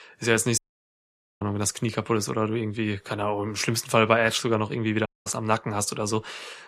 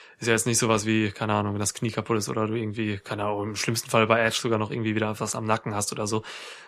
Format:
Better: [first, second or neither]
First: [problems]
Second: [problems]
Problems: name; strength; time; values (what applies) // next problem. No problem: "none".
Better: second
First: audio cutting out; at 0.5 s for 1 s and at 5 s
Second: none